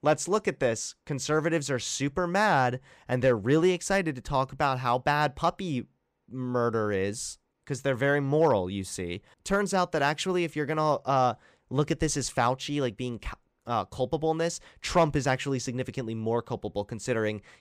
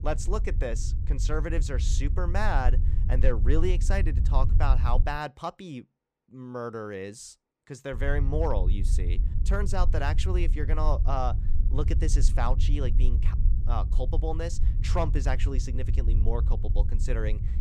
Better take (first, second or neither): first